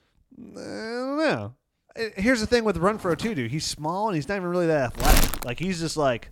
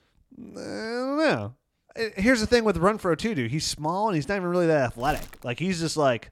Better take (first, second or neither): second